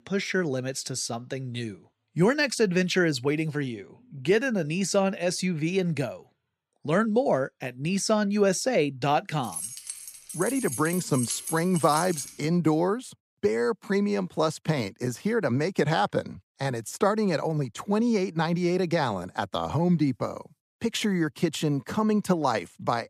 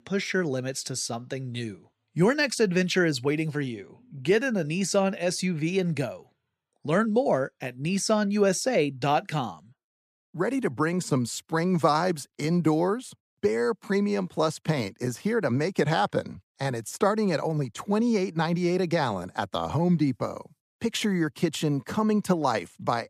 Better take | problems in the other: second | jangling keys; noticeable; from 9.5 to 12 s; peak 4 dB below the speech

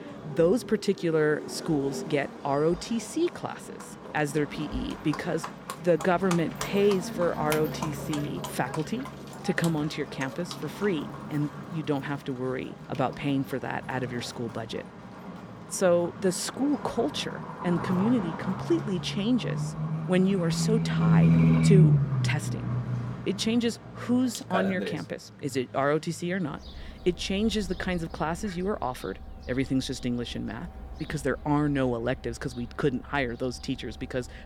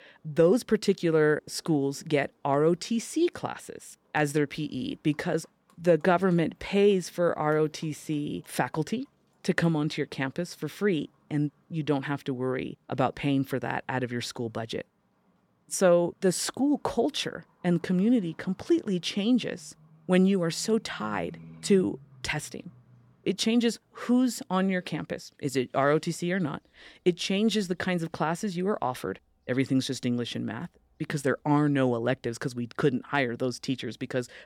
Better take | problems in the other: second | animal sounds; loud; throughout; 2 dB below the speech; faint in the second

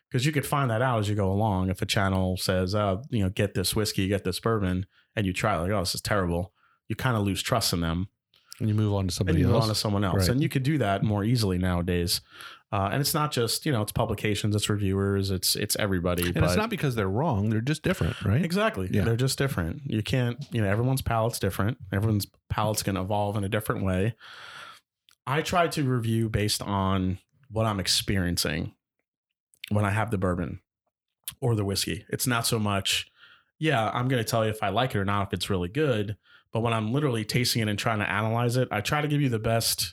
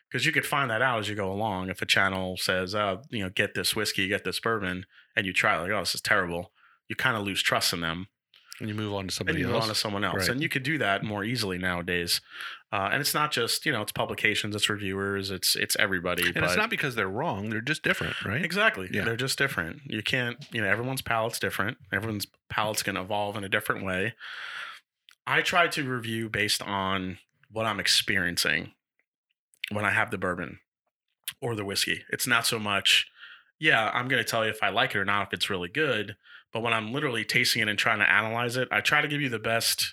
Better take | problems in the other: first | thin; somewhat; fading below 300 Hz

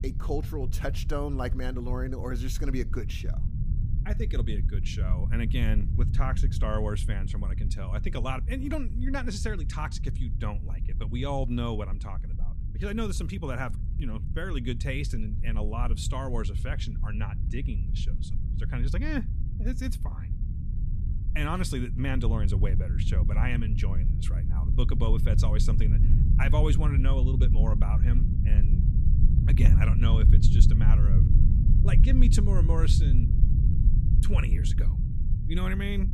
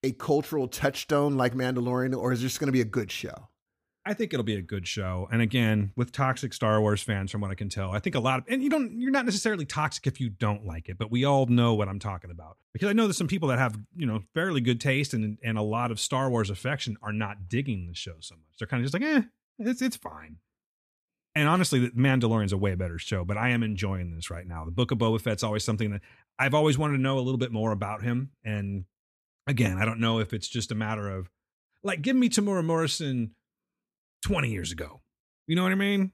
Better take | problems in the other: second | low rumble; loud; throughout; 6 dB below the speech

